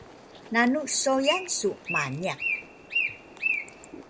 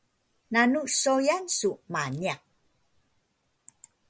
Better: second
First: background sound (Bird); 4 dB below the speech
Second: none

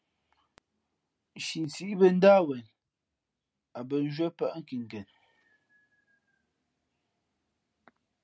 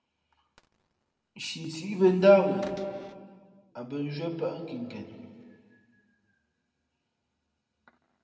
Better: first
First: none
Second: background sound (Cupboard open or close / Door); 18 dB below the speech // room echo; dies away in 2.2 s

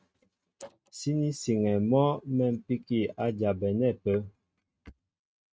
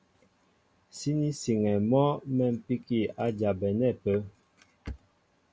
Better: second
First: noise reduction (neural mask model RNNoise)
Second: none

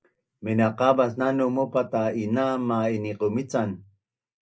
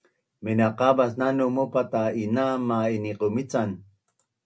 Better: second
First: noise reduction (neural mask model Resemble Enhance denoiser)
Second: none

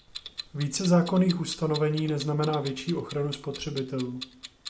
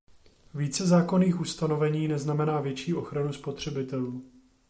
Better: second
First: background sound (Clock); 15 dB below the speech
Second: none

